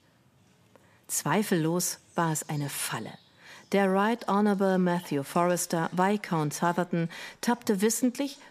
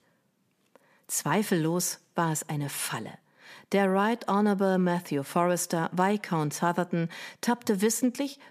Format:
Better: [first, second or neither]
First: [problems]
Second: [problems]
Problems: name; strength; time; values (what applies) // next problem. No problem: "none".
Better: second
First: animal sounds; faint; throughout; 30 dB below the speech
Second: none